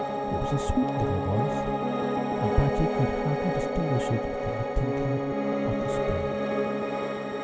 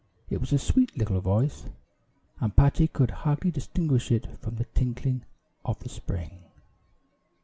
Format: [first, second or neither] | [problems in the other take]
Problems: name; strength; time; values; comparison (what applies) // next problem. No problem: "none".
second | background sound (Piano); 3 dB above the speech